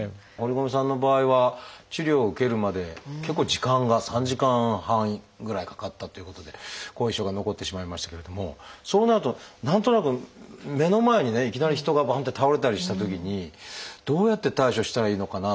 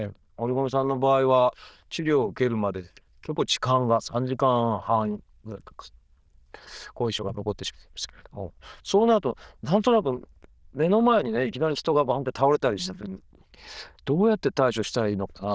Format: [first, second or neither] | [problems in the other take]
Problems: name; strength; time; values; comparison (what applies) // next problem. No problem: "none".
first | noise reduction (neural diffusion model UNIVERSE++)